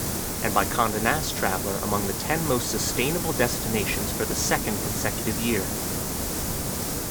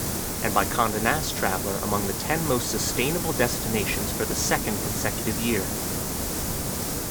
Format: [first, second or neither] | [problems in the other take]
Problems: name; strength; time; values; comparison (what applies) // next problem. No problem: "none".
neither | hiss; loud; throughout; 1 dB below the speech; the same in both